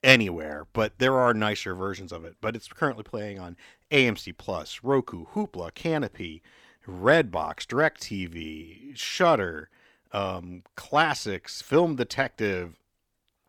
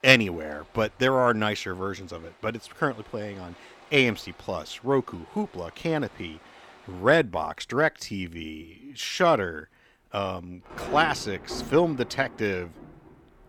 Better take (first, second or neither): first